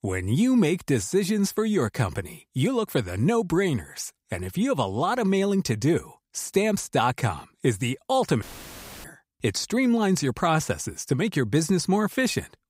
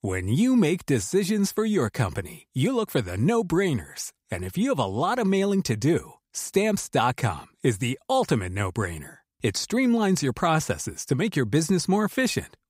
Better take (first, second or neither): second